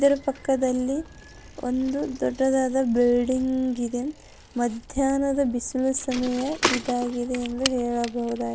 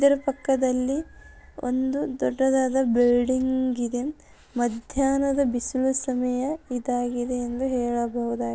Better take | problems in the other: second | background sound (Bicycle); 12 dB below the speech

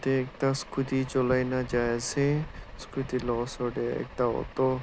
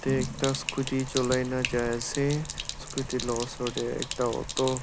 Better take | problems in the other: first | background sound (Sink (filling or washing)); 7 dB below the speech

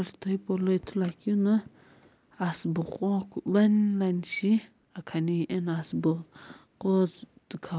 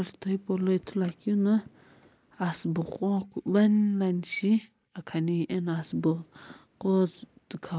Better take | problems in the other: first | noise reduction (neural mask model Resemble Enhance denoiser)

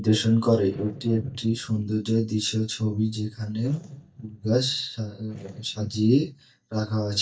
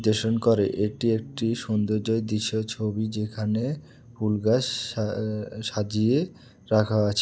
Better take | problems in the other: second | noise reduction (neural mask model DeepFilterNet 3)

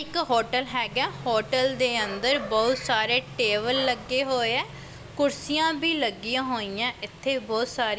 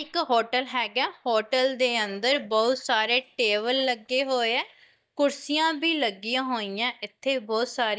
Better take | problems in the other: first | noise reduction (neural mask model DeepFilterNet 3)

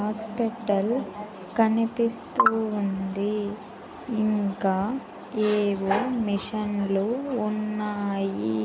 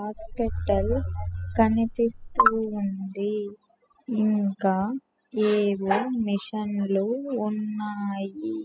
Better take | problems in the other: first | noise reduction (classical method spectral subtraction)

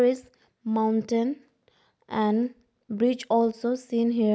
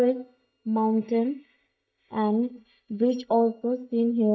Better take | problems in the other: first | noise reduction (neural mask model DeepFilterNet 3)

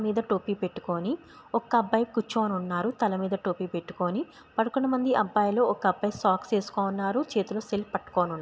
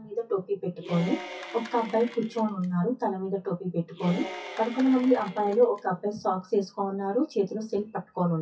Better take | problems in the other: first | noise reduction (classical method WPE with log-MMSE)

